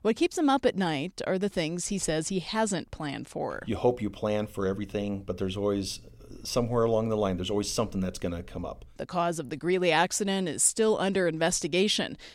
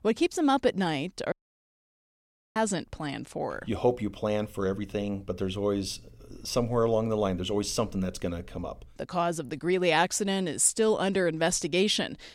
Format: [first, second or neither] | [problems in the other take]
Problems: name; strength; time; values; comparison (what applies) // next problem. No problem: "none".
first | audio cutting out; at 1.5 s for 1 s